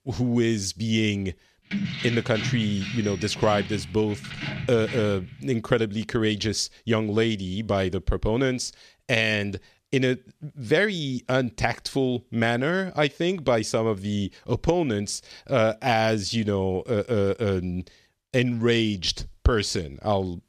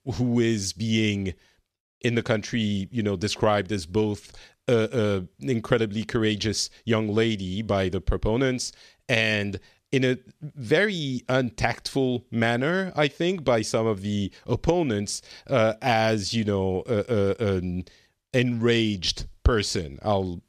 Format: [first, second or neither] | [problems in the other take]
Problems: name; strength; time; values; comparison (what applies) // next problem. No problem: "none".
second | jangling keys; noticeable; from 1.5 to 5.5 s; peak 4 dB below the speech